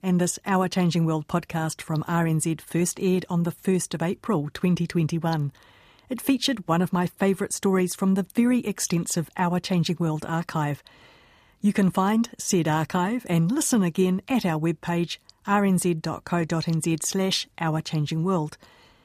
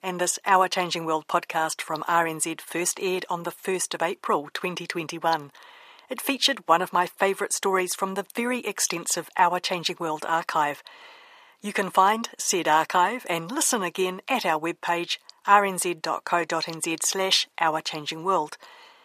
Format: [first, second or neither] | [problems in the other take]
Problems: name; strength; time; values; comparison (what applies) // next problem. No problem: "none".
first | thin; very; fading below 550 Hz